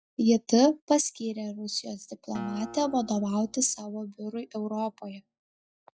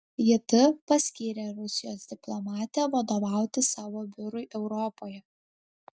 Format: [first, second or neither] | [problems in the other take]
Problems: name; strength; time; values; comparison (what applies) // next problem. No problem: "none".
second | noise reduction (classical method log-MMSE)